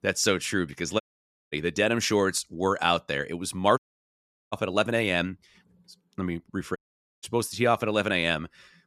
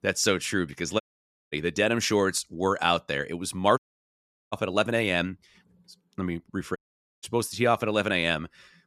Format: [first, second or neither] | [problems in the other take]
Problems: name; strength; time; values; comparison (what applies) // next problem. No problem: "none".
neither | audio cutting out; at 1 s for 0.5 s, at 4 s for 0.5 s and at 7 s; the same in both